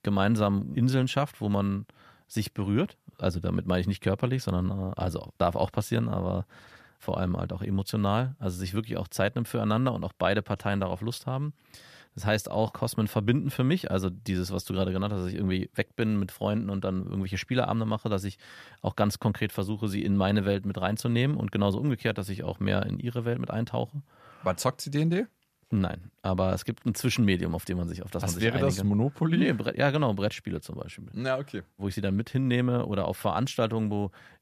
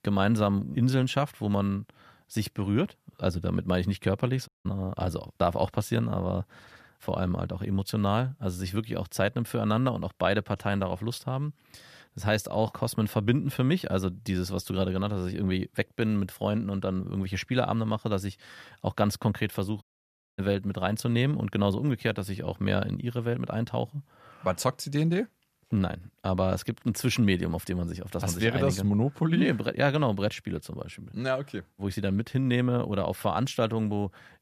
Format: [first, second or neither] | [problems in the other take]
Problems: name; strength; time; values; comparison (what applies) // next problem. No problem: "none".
first | audio cutting out; at 4.5 s and at 20 s for 0.5 s